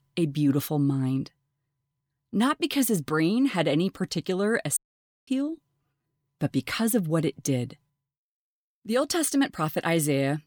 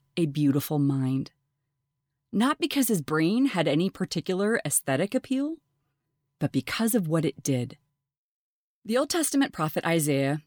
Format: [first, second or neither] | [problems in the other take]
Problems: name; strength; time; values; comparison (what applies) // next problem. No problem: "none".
second | audio cutting out; at 5 s for 0.5 s